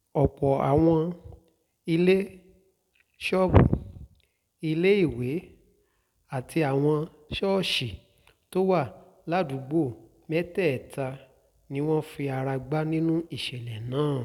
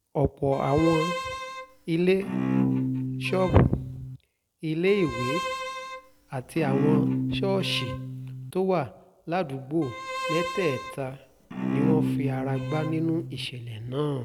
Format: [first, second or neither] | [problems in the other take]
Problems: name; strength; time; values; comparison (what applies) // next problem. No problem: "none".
first | background sound (Bowed string instrument); 2 dB below the speech